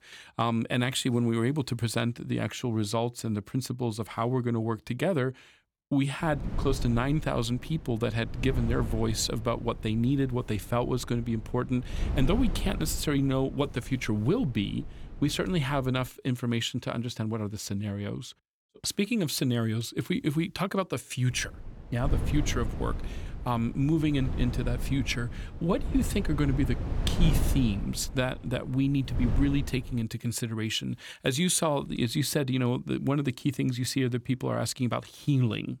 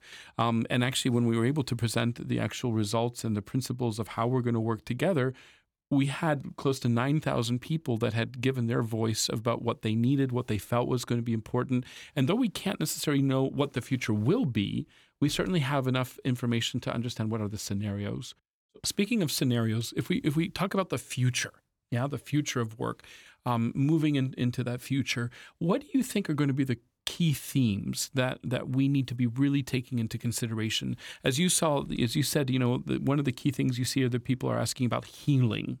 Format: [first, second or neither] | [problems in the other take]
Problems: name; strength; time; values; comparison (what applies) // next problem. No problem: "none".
second | wind noise on the microphone; occasional gusts; from 6 to 16 s and from 21 to 30 s; 15 dB below the speech